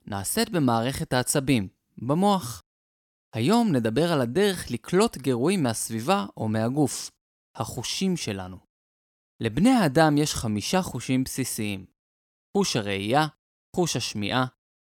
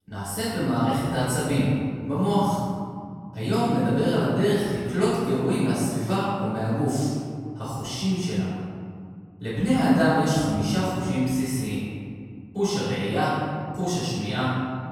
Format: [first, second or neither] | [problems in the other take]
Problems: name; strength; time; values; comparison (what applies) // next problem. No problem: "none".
first | off-mic speech; far // room echo; strong; dies away in 2.2 s